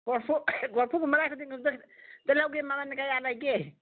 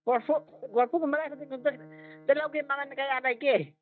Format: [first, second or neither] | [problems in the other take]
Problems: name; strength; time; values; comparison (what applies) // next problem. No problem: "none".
first | noise reduction (neural mask model DeepFilterNet 3)